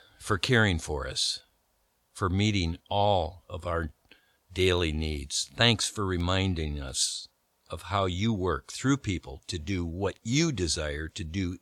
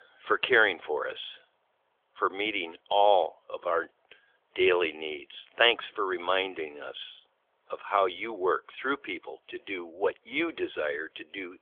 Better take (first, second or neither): first